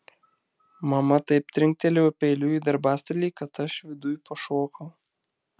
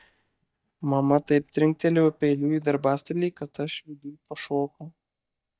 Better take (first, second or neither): first